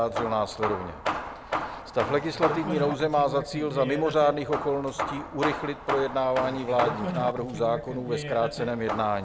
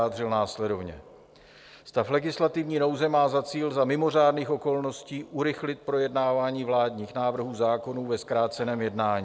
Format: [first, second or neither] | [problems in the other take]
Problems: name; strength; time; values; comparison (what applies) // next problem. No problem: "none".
second | background sound (Hammer / Wood); 5 dB below the speech